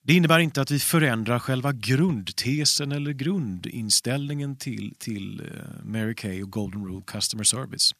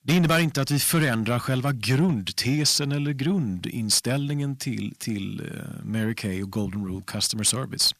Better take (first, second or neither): first